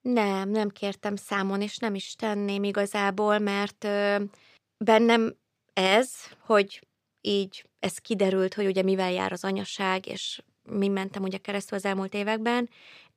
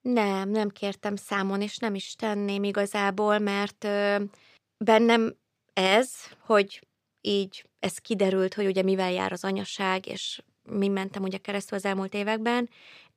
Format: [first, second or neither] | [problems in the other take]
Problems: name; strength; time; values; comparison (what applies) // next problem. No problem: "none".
neither | none